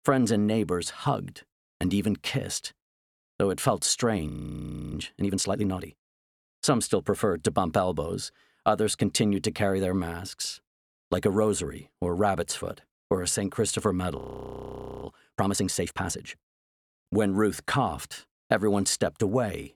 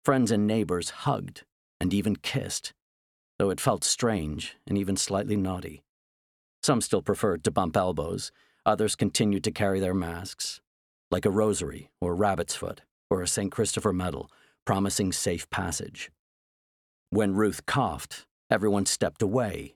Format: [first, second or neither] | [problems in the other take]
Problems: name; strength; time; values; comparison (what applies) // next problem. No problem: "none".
second | audio freezing; at 4.5 s for 0.5 s and at 14 s for 1 s